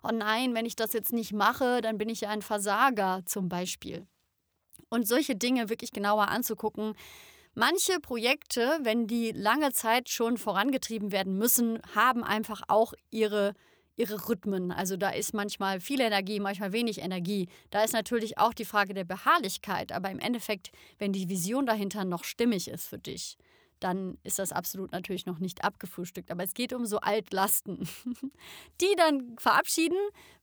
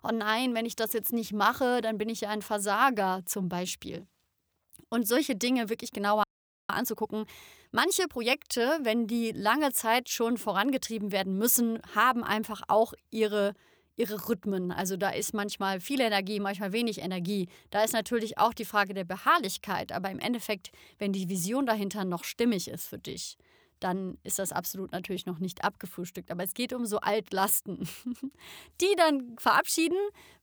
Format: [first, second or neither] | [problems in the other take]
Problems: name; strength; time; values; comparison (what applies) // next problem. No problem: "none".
first | audio freezing; at 6 s